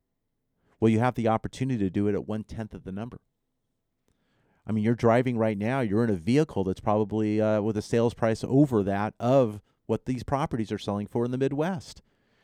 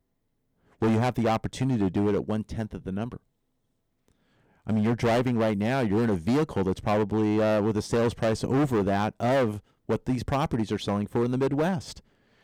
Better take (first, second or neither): first